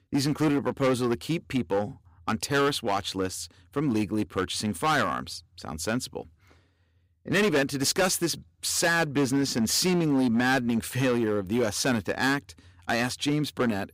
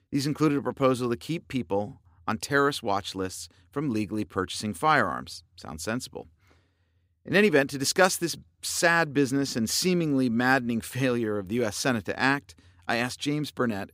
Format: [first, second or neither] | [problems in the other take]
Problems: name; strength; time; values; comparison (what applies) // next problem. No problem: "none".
second | distortion; heavy; 8% of the sound clipped